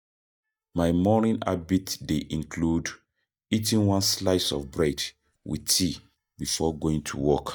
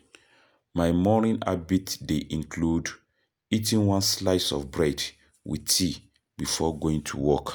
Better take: second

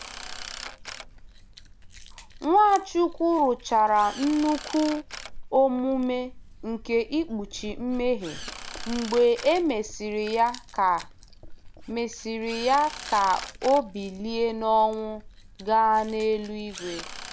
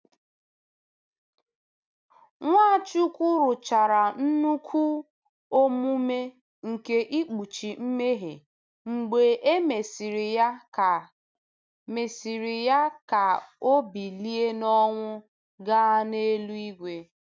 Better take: second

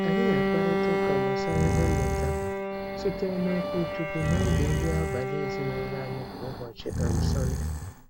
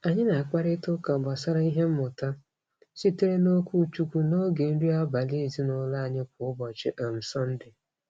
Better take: second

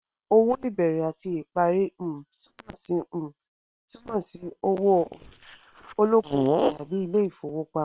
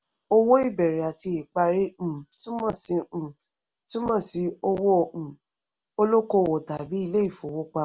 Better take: second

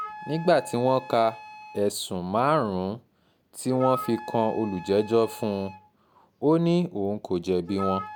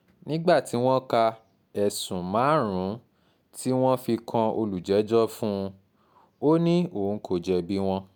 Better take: second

